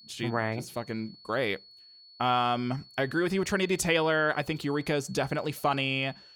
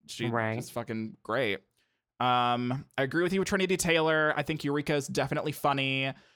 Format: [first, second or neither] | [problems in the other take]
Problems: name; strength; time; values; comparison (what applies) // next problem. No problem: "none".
second | high-pitched whine; faint; throughout; 4.5 kHz, 20 dB below the speech